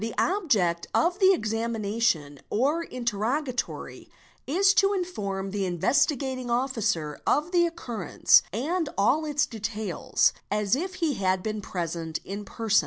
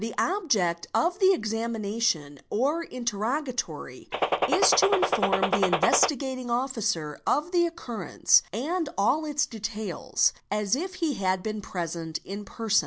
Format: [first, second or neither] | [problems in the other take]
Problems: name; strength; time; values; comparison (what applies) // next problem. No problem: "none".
first | background sound (Gunshot, gunfire); 2 dB above the speech